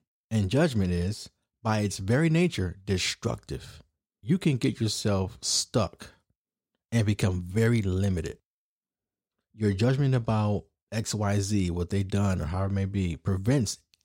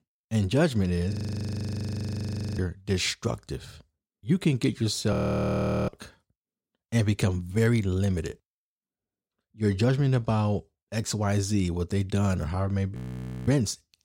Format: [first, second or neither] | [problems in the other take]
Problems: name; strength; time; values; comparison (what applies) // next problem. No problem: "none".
first | audio freezing; at 1 s for 1.5 s, at 5 s for 1 s and at 13 s for 0.5 s